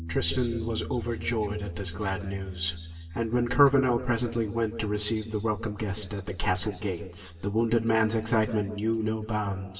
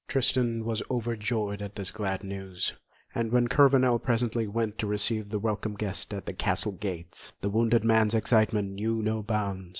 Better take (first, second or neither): second